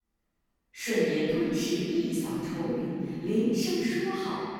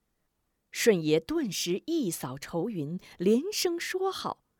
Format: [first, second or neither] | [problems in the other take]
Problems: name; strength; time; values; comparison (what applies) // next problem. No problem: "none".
second | off-mic speech; far // room echo; strong; dies away in 3 s